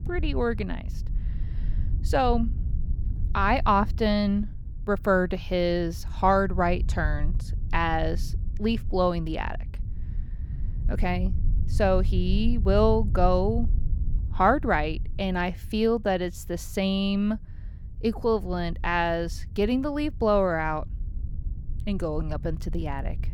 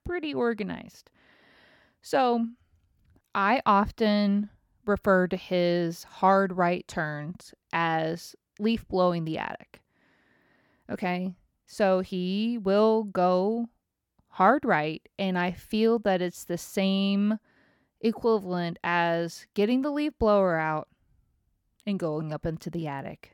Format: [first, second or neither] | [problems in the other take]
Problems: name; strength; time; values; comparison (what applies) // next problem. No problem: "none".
second | low rumble; faint; throughout; 25 dB below the speech